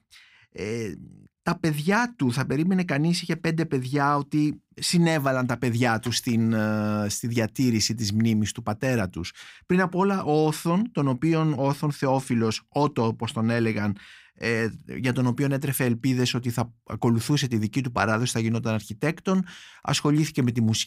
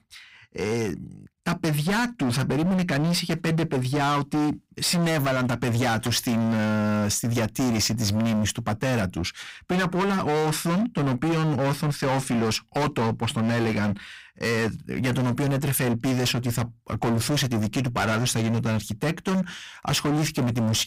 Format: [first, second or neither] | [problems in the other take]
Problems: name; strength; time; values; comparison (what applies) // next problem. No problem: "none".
first | distortion; heavy; 29% of the sound clipped